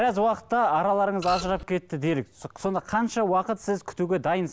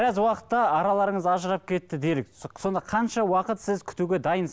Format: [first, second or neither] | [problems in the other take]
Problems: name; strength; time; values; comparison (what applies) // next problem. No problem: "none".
second | background sound (Printer); 10 dB below the speech